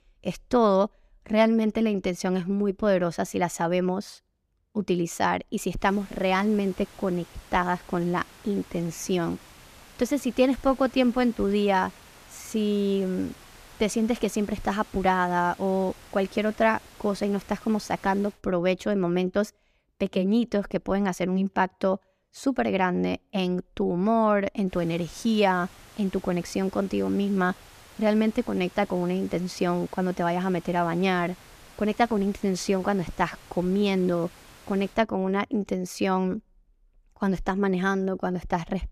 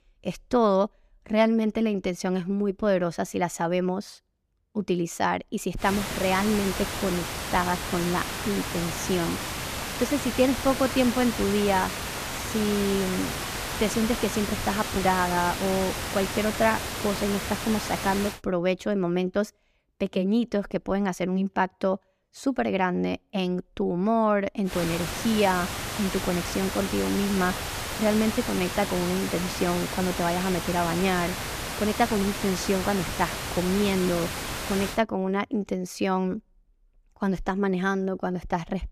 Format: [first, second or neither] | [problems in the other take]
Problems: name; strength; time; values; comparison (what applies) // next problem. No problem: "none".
first | hiss; loud; from 6 to 18 s and from 25 to 35 s; 4 dB below the speech; faint in the first